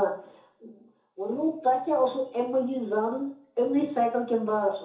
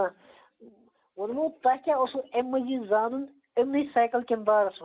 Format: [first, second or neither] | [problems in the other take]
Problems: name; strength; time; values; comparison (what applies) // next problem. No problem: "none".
second | room echo; dies away in 0.7 s